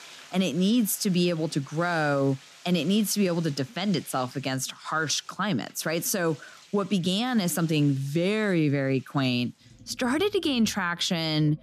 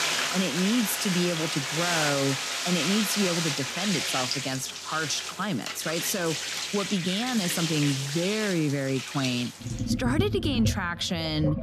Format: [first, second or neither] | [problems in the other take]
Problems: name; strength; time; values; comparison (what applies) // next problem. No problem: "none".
first | household noises; loud; throughout; 1 dB below the speech; faint in the first